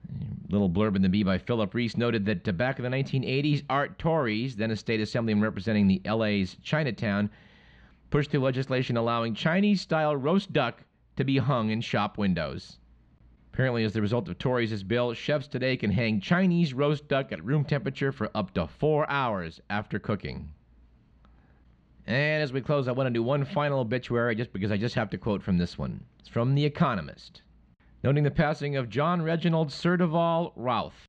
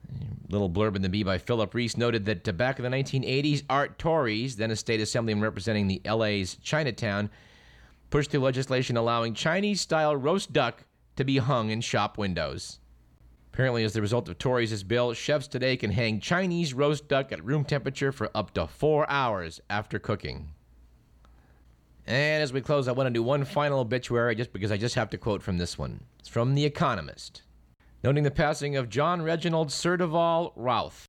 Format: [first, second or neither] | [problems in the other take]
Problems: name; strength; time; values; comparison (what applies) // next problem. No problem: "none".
second | muffled; very slightly; fading above 3 kHz